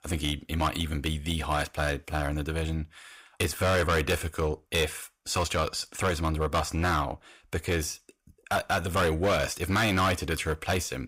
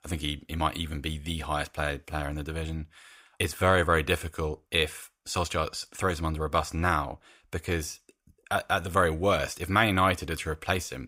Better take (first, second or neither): second